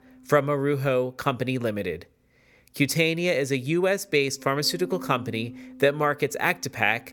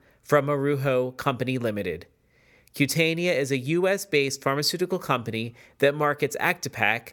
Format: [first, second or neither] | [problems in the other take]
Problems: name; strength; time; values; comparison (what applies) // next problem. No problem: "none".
second | background music; noticeable; throughout; 20 dB below the speech